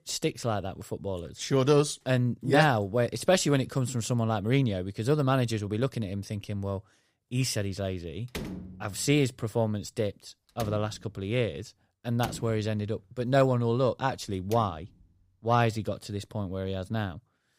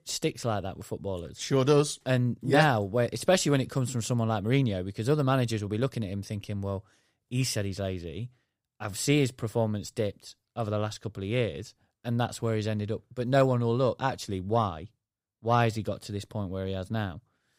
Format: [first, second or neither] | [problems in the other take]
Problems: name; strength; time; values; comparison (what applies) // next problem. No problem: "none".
second | door banging; noticeable; from 8.5 to 15 s; peak 9 dB below the speech